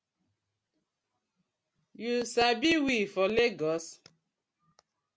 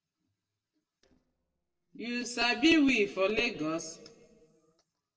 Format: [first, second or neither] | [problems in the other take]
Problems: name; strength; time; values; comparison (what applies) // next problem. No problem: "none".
first | noise reduction (neural separator model SepFormer DNS4)